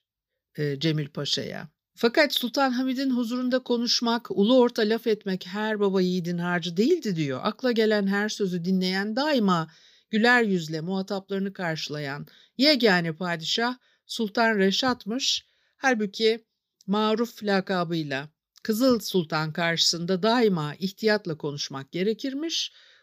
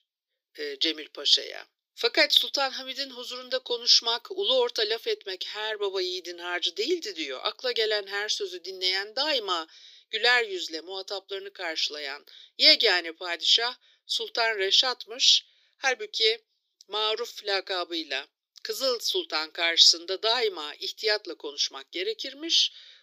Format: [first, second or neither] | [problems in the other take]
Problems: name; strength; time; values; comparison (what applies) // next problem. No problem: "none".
first | thin; very; fading below 350 Hz